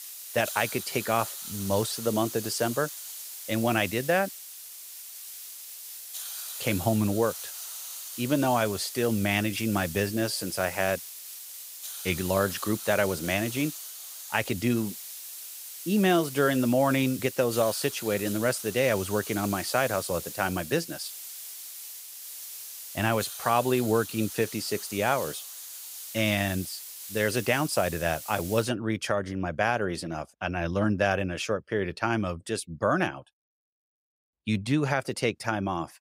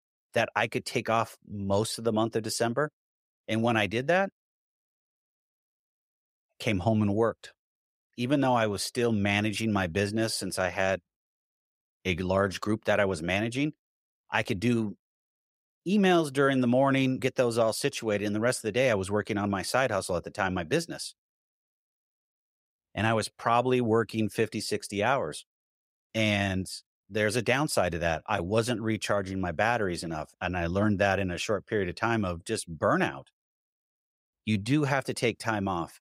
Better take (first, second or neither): second